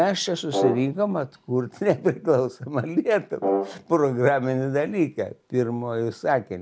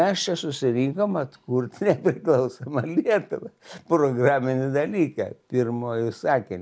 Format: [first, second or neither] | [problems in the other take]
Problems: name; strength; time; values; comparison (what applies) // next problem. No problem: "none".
second | background sound (Brass instrument); 4 dB below the speech